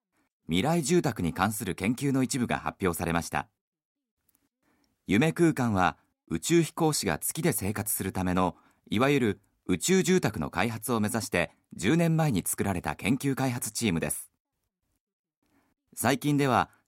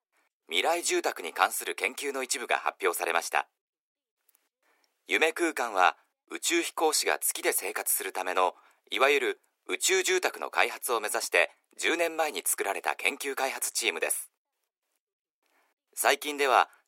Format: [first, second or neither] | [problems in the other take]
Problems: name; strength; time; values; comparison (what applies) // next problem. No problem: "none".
first | thin; very; fading below 400 Hz